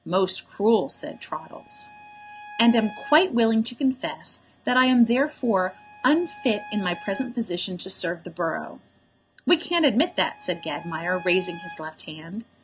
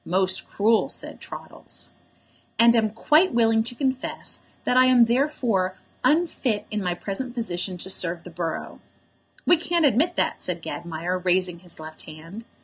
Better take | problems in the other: second | background sound (Bowed string instrument); 19 dB below the speech

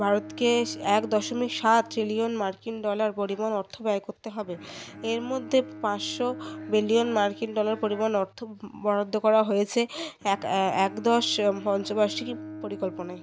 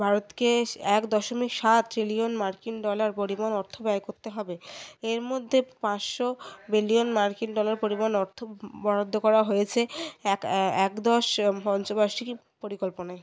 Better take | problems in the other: second | background sound (Bowed string instrument); 16 dB below the speech

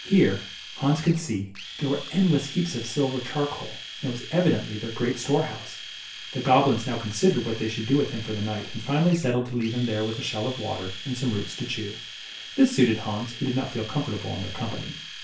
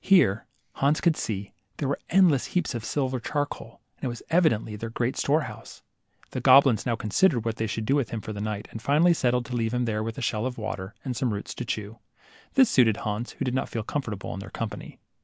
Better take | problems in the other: second | background sound (Domestic sounds, home sounds); 13 dB below the speech // room echo; dies away in 0.3 s

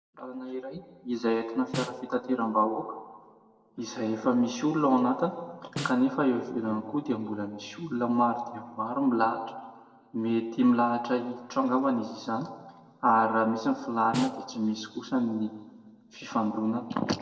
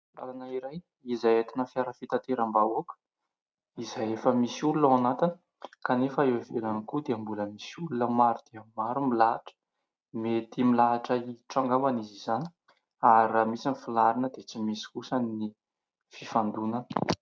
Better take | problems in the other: second | background sound (Snare drum); 12 dB below the speech // room echo; dies away in 1.3 s

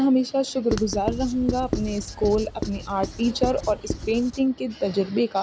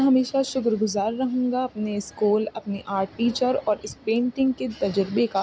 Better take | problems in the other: second | background sound (Writing); 7 dB below the speech

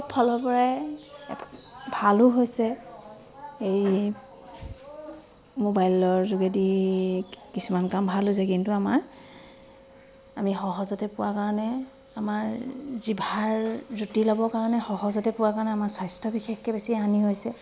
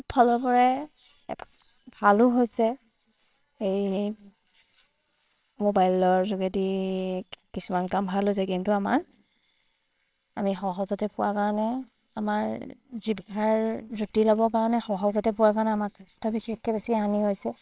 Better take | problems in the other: first | noise reduction (neural separator model SepFormer WHAMR!)

